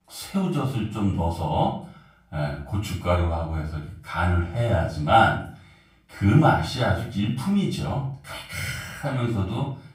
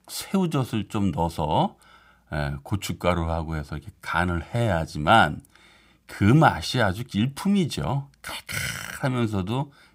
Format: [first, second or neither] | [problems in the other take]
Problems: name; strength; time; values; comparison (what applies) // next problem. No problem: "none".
second | off-mic speech; far // room echo; noticeable; dies away in 0.4 s